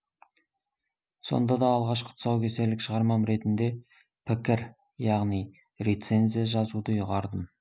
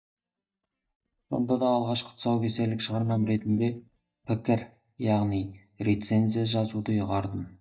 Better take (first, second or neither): first